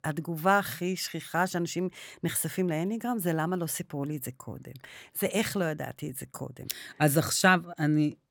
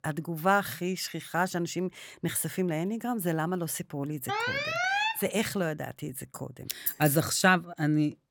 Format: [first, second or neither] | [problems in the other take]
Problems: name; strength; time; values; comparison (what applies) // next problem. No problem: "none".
first | alarm; loud; at 4.5 s; peak 3 dB above the speech // jangling keys; noticeable; at 7 s; peak 2 dB below the speech